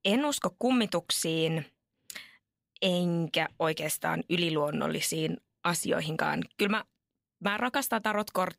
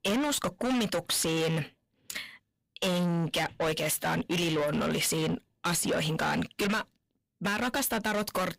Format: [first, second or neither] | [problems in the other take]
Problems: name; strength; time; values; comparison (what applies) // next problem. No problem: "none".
first | distortion; heavy; 6 dB below the speech